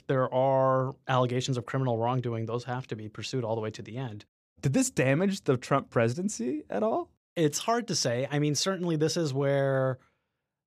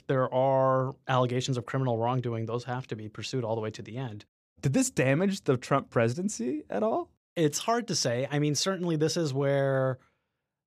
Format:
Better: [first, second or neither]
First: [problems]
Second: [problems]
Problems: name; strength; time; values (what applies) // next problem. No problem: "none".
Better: neither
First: none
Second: none